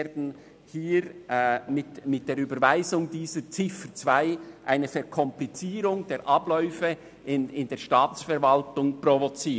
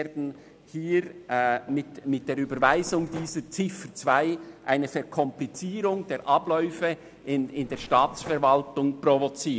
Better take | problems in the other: first | background sound (Mechanisms); 17 dB below the speech

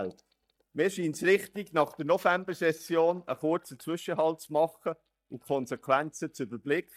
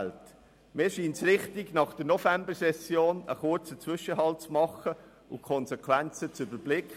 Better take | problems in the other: second | noise reduction (neural mask model DeepFilterNet 3)

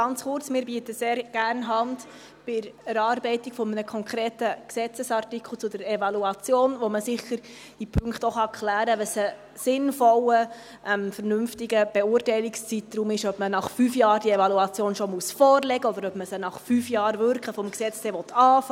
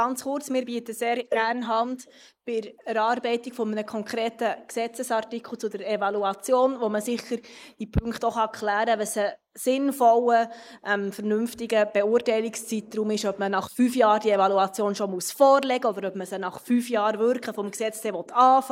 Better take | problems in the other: first | noise reduction (neural mask model Resemble Enhance denoiser)

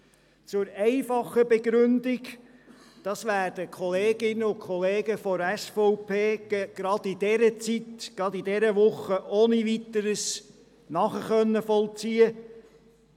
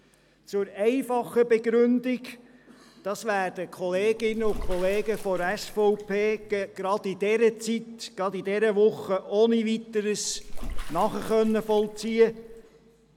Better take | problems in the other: first | background sound (Bathtub (filling or washing) / Water / Splash, splatter); 8 dB below the speech

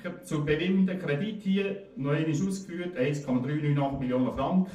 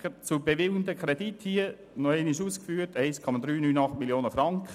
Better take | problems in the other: second | room echo; dies away in 0.4 s

